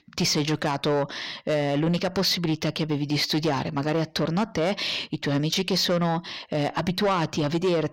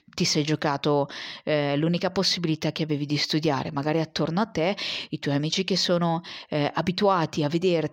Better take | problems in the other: second | distortion; slight; 10 dB below the speech

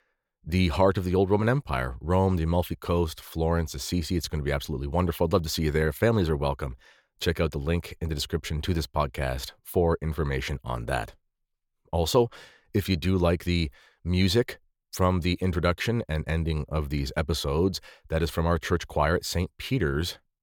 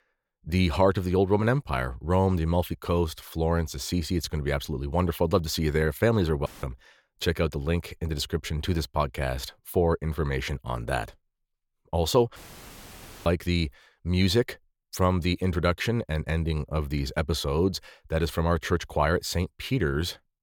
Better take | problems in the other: first | audio cutting out; filled with static; at 6.5 s and at 12 s for 1 s

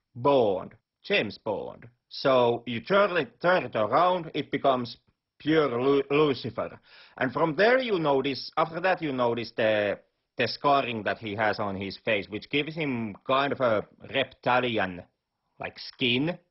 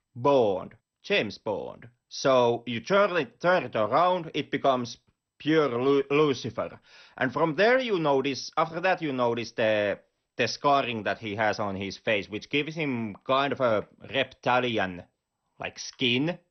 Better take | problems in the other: second | garbled, watery; badly; nothing above 5.5 kHz; slightly in the second

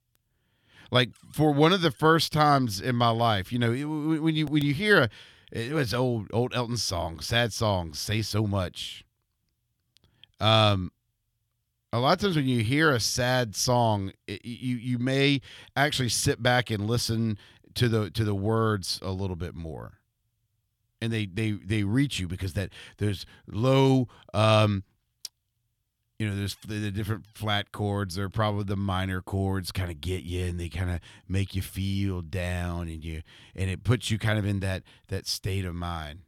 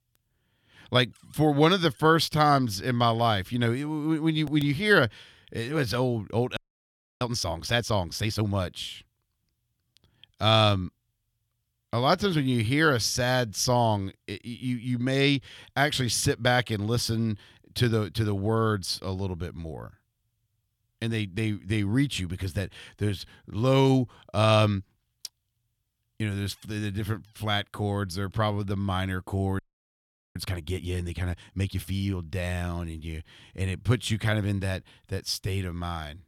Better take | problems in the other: first | audio freezing; at 6.5 s for 0.5 s and at 30 s for 1 s

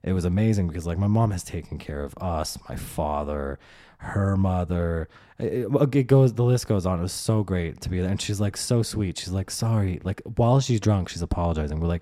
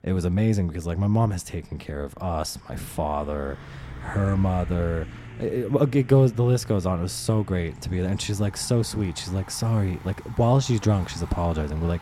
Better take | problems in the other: first | traffic noise; noticeable; throughout; 15 dB below the speech

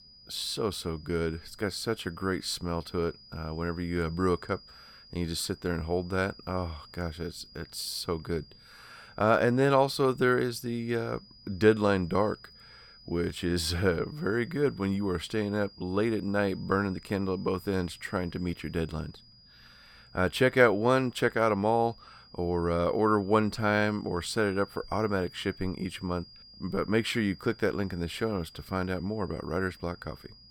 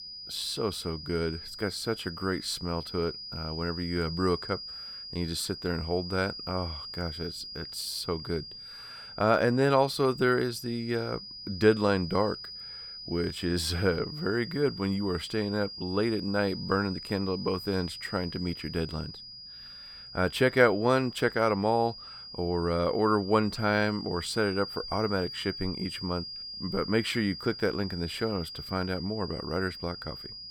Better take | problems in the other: first | high-pitched whine; loud; throughout; 5 kHz, 10 dB below the speech; faint in the first

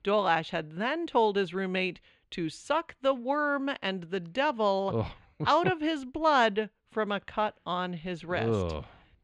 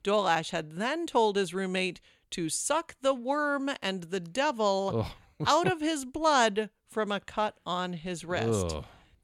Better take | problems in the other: second | muffled; slightly; fading above 3 kHz

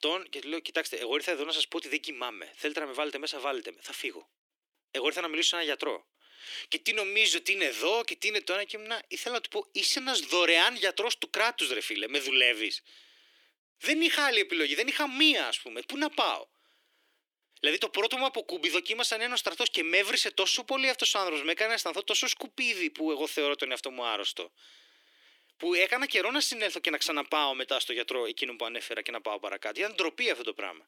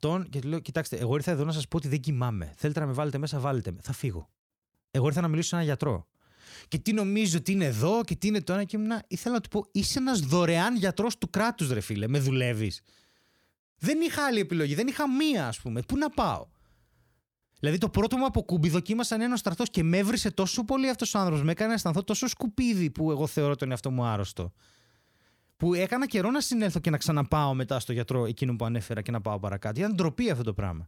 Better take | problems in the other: second | thin; very; fading below 300 Hz

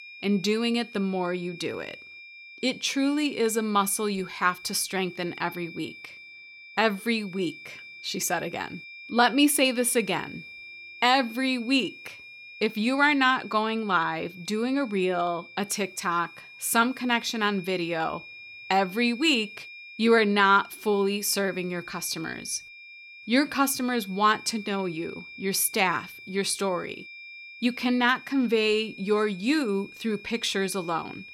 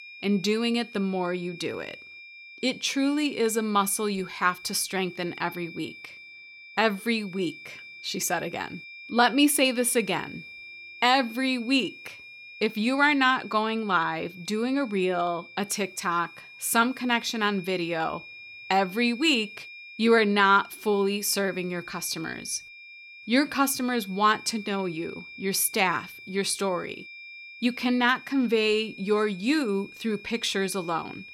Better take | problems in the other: neither | high-pitched whine; noticeable; throughout; 2.5 kHz, 15 dB below the speech; the same in both

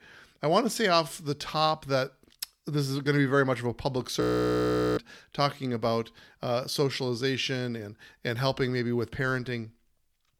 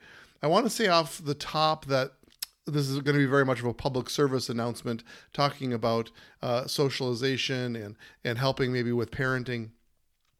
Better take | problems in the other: second | audio freezing; at 4 s for 1 s

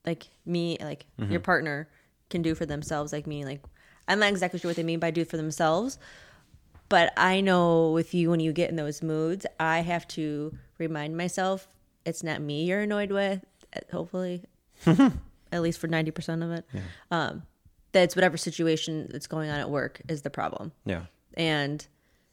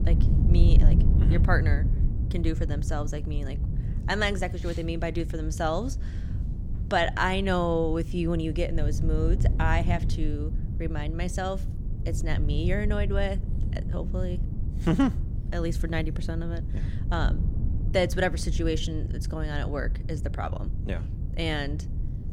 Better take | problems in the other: first | wind noise on the microphone; occasional gusts; 10 dB below the speech

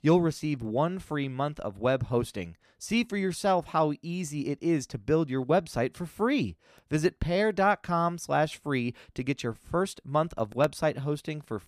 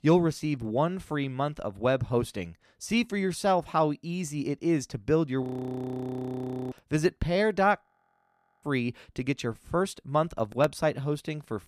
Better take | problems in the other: first | audio freezing; at 5.5 s for 1.5 s and at 8 s for 1 s

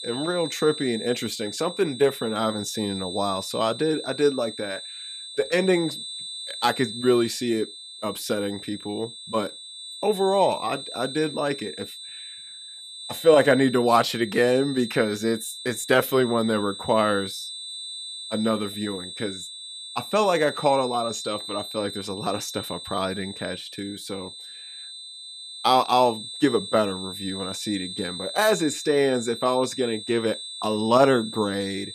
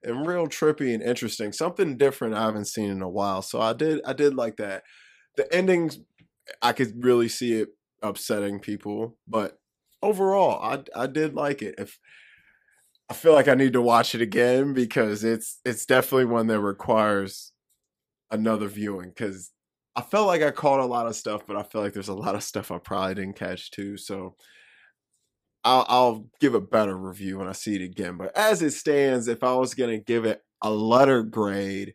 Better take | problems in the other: second | high-pitched whine; loud; throughout; 4 kHz, 10 dB below the speech

